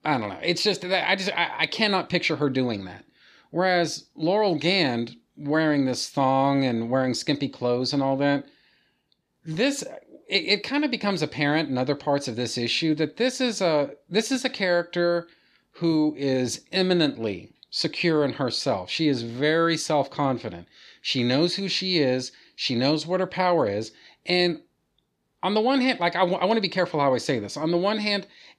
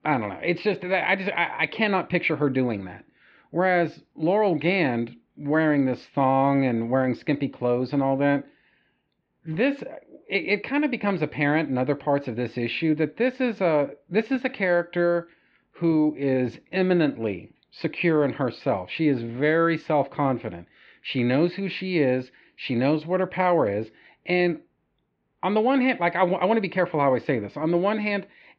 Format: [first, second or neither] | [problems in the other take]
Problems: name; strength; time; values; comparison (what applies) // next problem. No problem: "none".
first | muffled; very; fading above 2.5 kHz